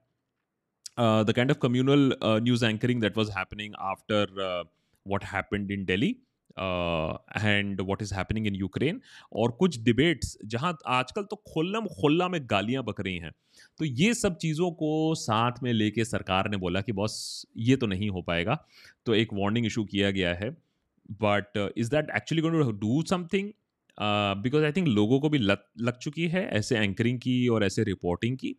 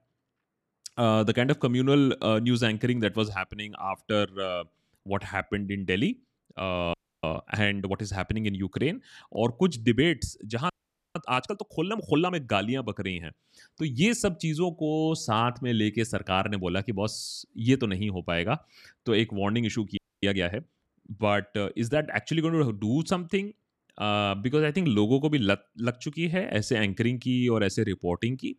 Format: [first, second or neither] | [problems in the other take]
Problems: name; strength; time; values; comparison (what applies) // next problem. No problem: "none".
first | audio freezing; at 7 s, at 11 s and at 20 s